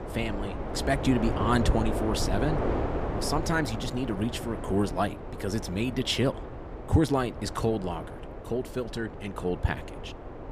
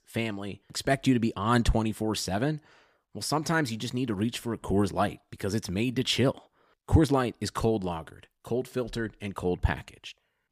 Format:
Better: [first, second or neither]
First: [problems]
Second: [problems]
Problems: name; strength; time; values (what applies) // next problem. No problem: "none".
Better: second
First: wind noise on the microphone; heavy; 6 dB below the speech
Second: none